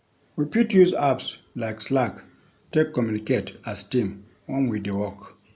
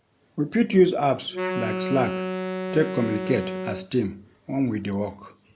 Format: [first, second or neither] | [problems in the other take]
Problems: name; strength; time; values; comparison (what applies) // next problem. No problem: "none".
first | background sound (Wind instrument, woodwind instrument); 5 dB below the speech